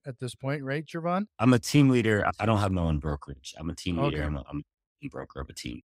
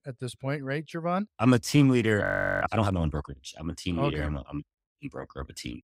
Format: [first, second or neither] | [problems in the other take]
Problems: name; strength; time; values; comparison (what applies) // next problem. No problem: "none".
first | audio freezing; at 2 s